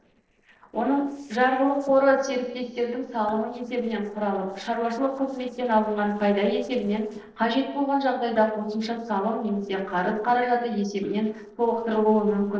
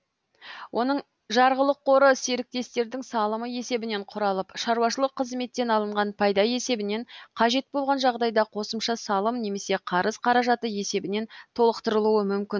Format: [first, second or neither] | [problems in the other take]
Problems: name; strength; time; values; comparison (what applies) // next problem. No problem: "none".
second | noise reduction (neural separator model SepFormer DNS4)